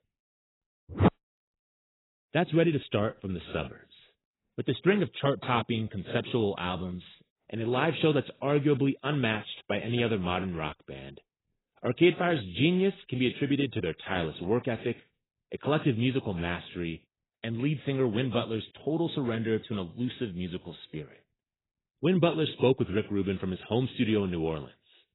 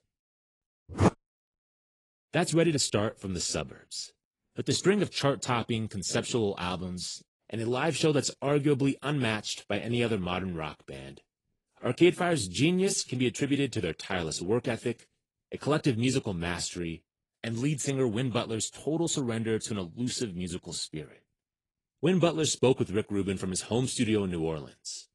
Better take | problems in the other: second | garbled, watery; badly; nothing above 4 kHz; slightly in the second

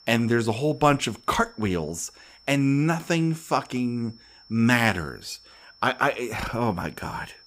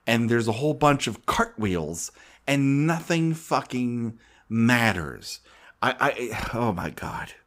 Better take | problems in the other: second | high-pitched whine; faint; throughout; 5.5 kHz, 25 dB below the speech

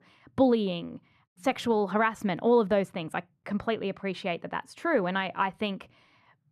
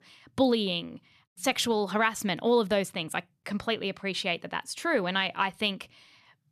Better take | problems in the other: second | muffled; slightly; fading above 2.5 kHz

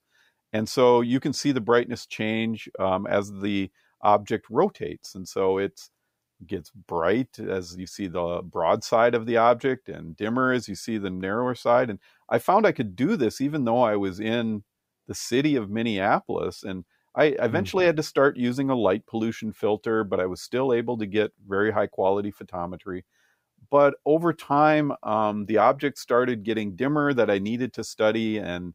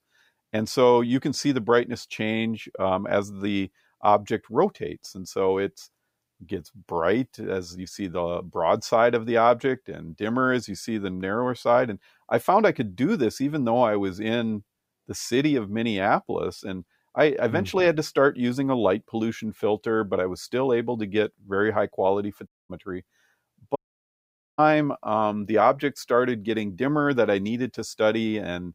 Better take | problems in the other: first | audio cutting out; at 22 s and at 24 s for 1 s

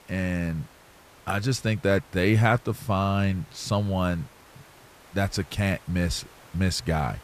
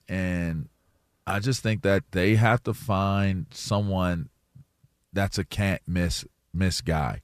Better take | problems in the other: second | hiss; faint; throughout; 25 dB below the speech

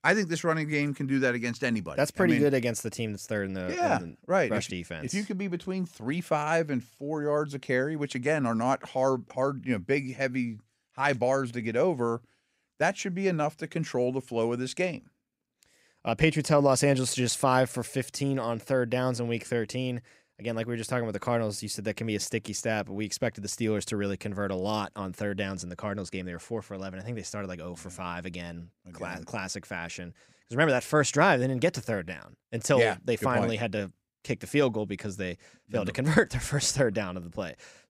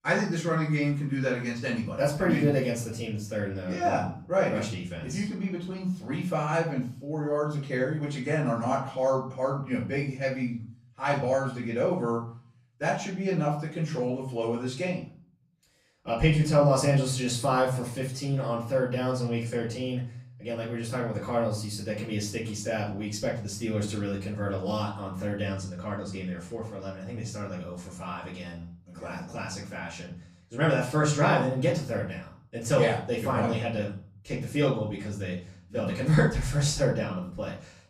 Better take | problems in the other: first | off-mic speech; far // room echo; slight; dies away in 0.5 s

